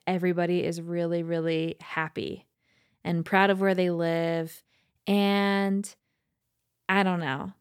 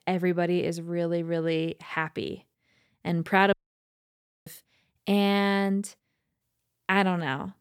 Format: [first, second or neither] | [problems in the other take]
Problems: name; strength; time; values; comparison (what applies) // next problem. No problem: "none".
first | audio cutting out; at 3.5 s for 1 s